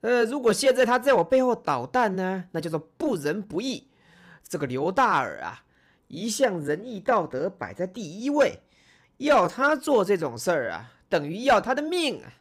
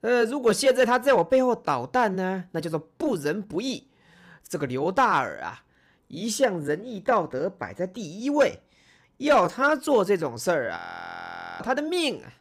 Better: first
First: none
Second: audio freezing; at 11 s for 1 s

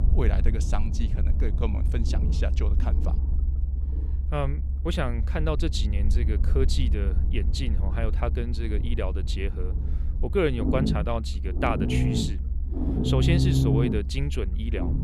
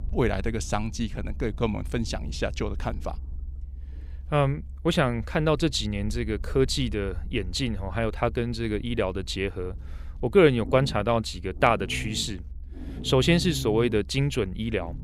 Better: second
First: low rumble; loud; throughout; 6 dB below the speech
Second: low rumble; faint; throughout; 25 dB below the speech

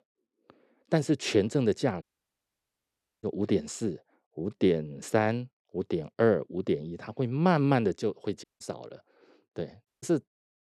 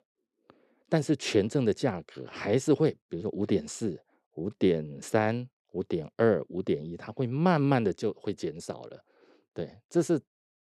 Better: second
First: audio cutting out; at 2 s for 1 s, at 8.5 s and at 10 s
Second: none

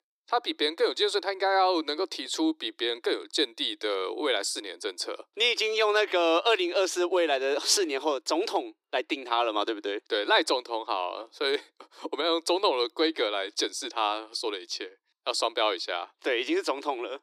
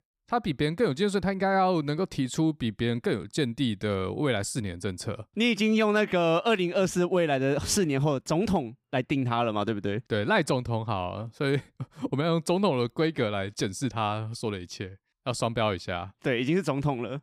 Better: second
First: thin; very; fading below 300 Hz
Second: none

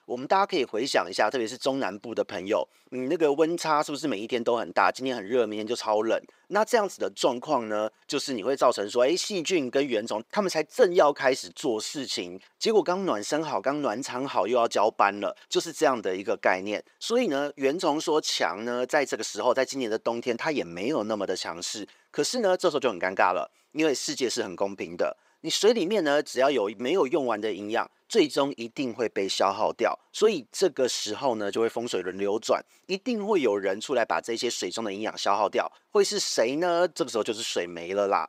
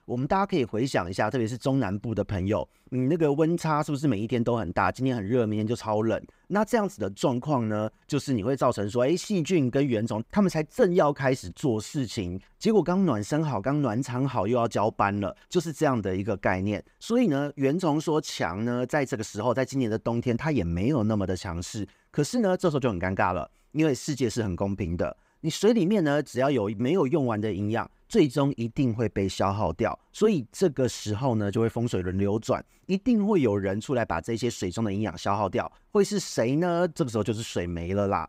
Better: second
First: thin; somewhat; fading below 450 Hz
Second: none

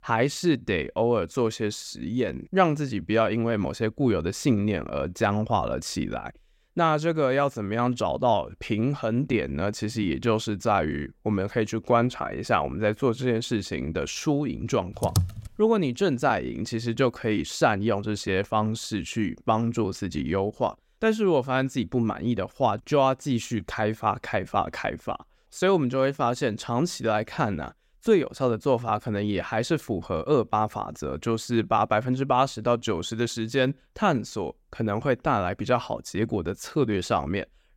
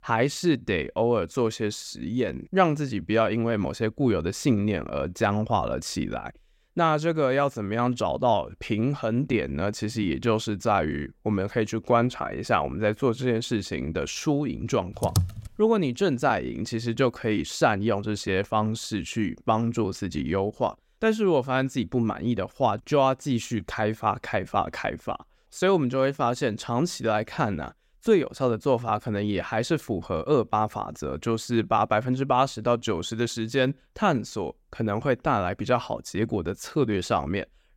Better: neither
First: keyboard typing; noticeable; at 15 s; peak 1 dB below the speech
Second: keyboard typing; noticeable; at 15 s; peak 1 dB below the speech

